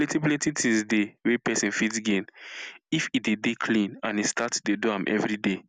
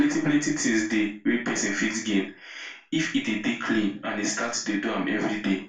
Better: first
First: none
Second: room echo; dies away in 0.3 s

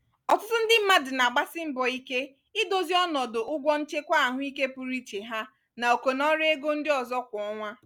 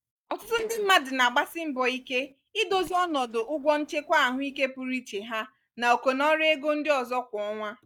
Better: first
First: none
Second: noise reduction (neural mask model DeepFilterNet 3)

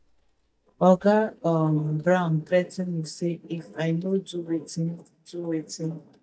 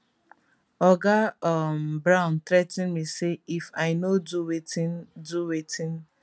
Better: second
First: noise reduction (neural mask model DeepFilterNet 3)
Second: none

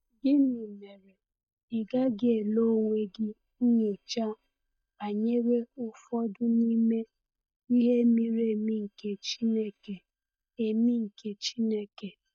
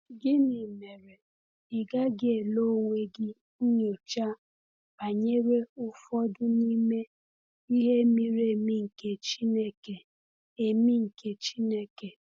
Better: second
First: noise reduction (neural mask model DeepFilterNet 3)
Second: none

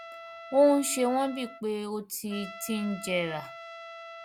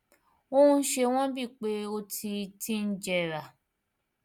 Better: second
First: background sound (Trumpet); 15 dB below the speech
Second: none

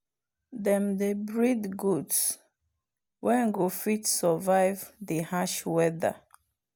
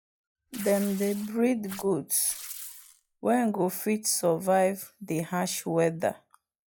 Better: first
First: none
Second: noise reduction (classical method log-MMSE)

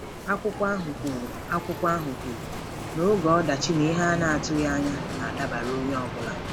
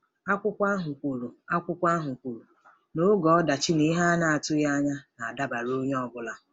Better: second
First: background sound (Bicycle); 6 dB below the speech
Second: none

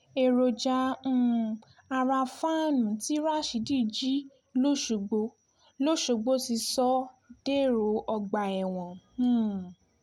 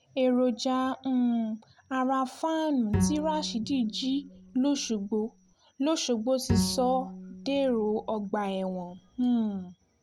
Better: first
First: none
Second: background sound (Bowed string instrument); 6 dB below the speech

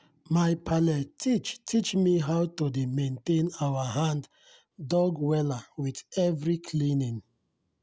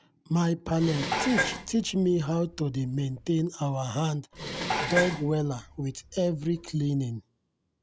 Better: first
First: none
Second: background sound (Dishes, pots, and pans); 6 dB below the speech

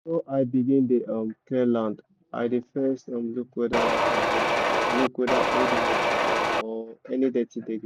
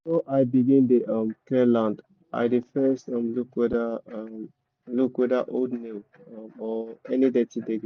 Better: second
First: background sound (Mechanisms); 4 dB above the speech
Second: none

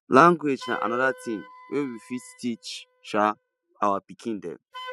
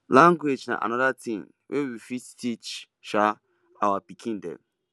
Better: second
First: noise reduction (classical method spectral subtraction)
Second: none

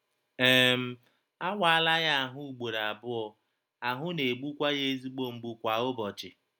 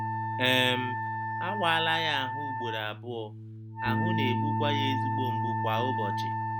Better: first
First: none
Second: background sound (Wind instrument, woodwind instrument + Bass guitar); 2 dB above the speech

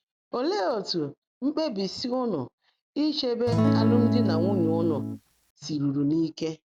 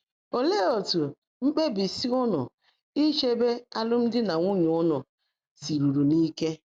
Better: second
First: background sound (Acoustic guitar / Strum); 4 dB above the speech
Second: none

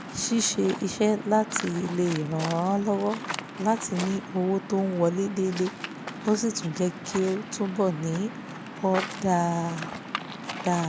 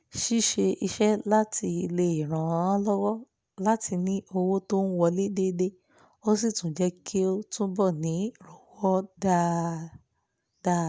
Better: second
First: background sound (Waves, surf); 10 dB below the speech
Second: none

